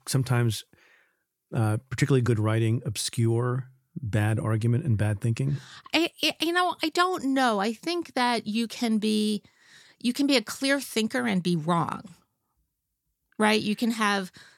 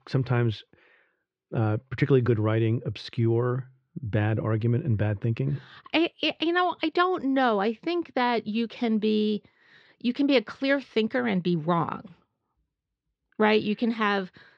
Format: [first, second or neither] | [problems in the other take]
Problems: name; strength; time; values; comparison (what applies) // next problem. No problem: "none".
first | muffled; slightly; fading above 3.5 kHz